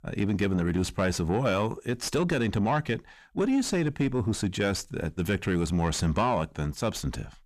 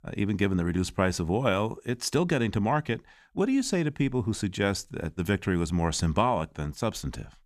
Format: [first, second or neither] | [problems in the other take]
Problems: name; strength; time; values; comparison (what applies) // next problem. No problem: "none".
second | distortion; slight; 10 dB below the speech